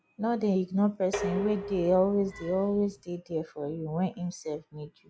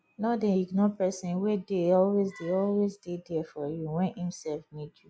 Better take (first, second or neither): second